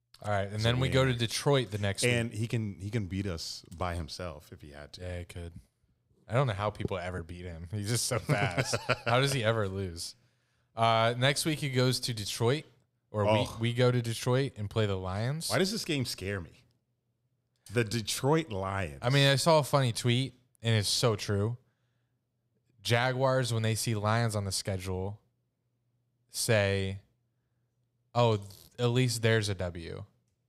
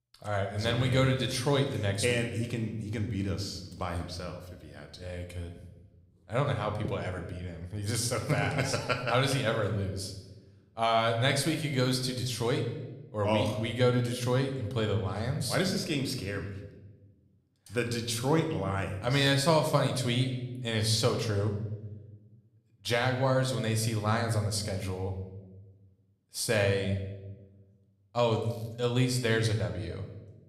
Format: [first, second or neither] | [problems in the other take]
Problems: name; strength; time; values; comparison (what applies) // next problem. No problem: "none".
first | room echo; slight; dies away in 0.9 s